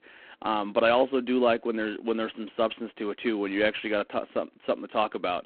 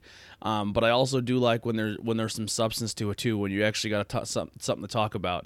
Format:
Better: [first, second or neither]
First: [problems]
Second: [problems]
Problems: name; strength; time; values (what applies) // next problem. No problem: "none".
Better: second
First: phone-call audio; poor line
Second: none